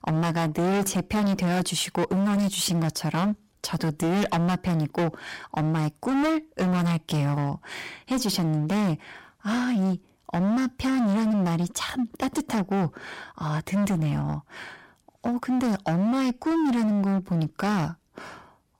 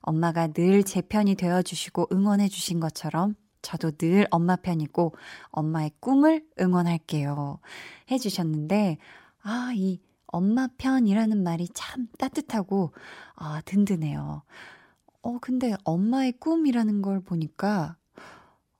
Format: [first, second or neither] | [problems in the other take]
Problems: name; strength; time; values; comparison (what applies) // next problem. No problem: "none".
second | distortion; heavy; 26% of the sound clipped